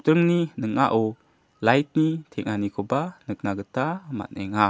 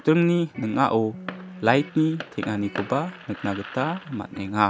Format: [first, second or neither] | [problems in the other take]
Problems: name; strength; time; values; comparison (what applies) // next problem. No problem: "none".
first | background sound (Electric guitar + Fireworks); 15 dB below the speech